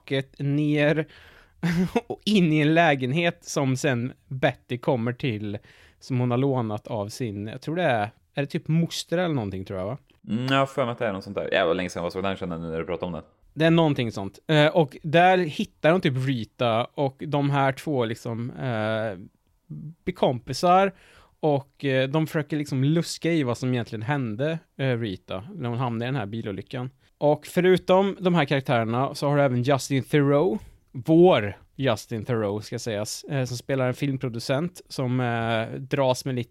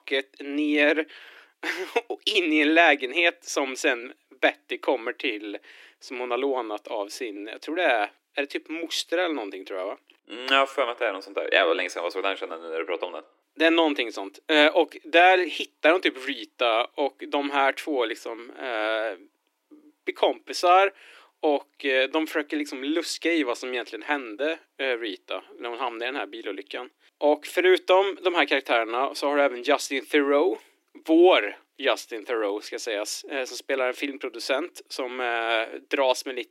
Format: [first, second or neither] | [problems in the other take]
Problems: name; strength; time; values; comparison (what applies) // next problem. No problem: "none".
first | thin; somewhat; fading below 300 Hz